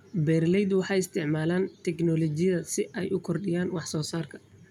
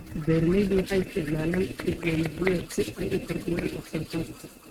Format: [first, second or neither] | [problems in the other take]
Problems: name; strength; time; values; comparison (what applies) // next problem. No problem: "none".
first | noise reduction (neural mask model RNNoise)